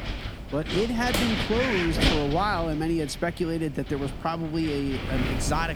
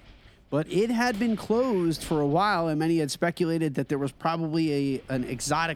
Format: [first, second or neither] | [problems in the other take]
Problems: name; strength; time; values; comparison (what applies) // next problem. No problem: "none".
second | wind noise on the microphone; heavy; 1 dB below the speech; occasional gusts in the second